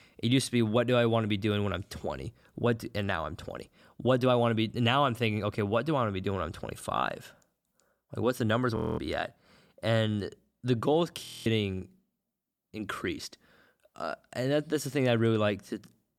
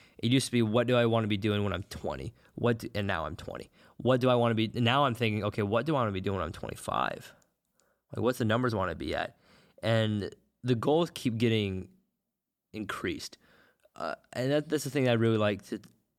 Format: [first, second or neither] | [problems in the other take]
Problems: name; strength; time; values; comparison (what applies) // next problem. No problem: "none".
second | audio freezing; at 9 s and at 11 s